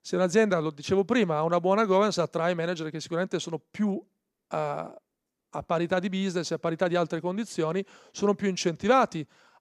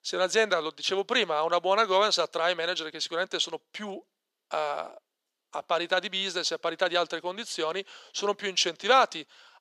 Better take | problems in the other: first | thin; very; fading below 550 Hz

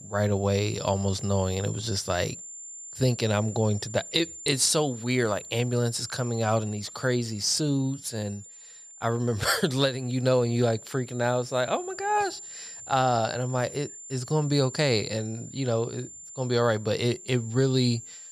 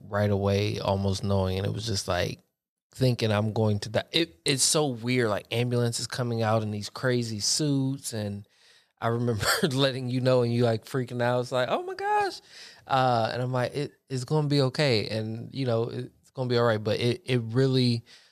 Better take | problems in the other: second | high-pitched whine; noticeable; throughout; 7 kHz, 15 dB below the speech

